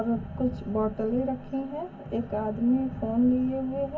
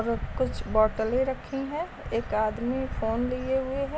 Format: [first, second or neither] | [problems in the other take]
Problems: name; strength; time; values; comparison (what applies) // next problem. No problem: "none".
second | room echo; dies away in 0.3 s